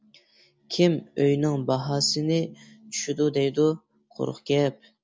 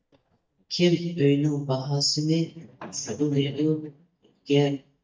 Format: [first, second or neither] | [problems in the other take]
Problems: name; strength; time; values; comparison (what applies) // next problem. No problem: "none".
first | noise reduction (neural mask model DeepFilterNet 3)